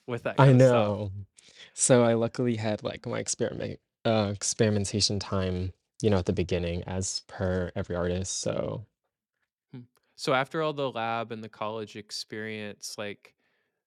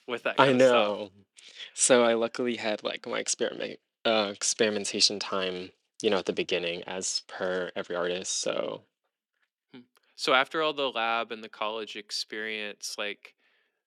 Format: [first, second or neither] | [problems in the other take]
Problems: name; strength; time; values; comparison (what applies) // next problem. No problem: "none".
first | thin; somewhat; fading below 250 Hz